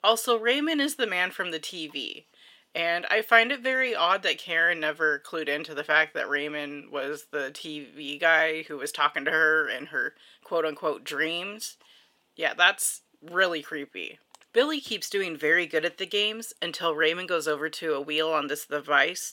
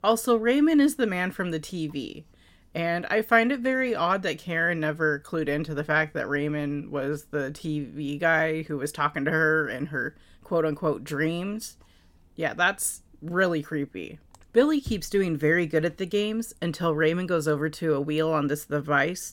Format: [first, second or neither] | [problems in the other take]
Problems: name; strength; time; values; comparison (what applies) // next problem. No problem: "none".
second | thin; somewhat; fading below 450 Hz